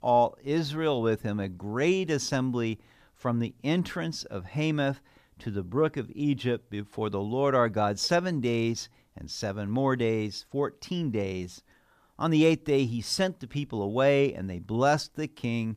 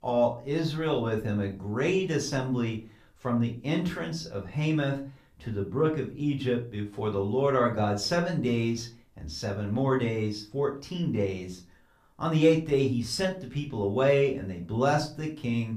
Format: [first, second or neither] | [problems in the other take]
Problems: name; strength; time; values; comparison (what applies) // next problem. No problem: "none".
first | off-mic speech; far // room echo; very slight; dies away in 0.3 s